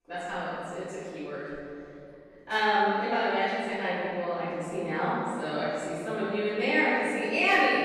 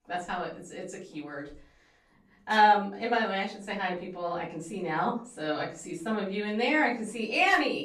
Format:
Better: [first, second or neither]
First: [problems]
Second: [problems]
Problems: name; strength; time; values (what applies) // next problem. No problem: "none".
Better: second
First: room echo; strong; dies away in 2.8 s // off-mic speech; far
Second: room echo; slight; dies away in 0.3 s // off-mic speech; far